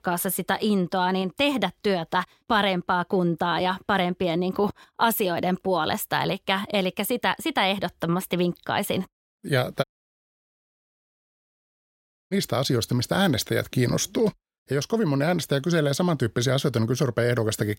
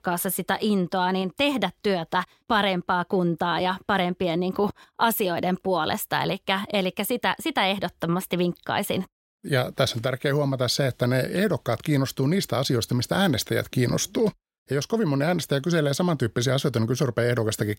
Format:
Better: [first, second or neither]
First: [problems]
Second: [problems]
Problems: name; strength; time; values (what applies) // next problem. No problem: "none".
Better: second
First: audio cutting out; at 10 s for 2.5 s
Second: none